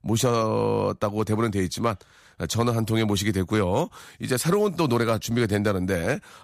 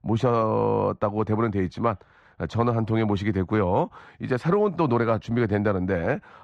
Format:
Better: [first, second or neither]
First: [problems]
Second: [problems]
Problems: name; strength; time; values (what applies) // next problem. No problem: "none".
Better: first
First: none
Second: muffled; very; fading above 2 kHz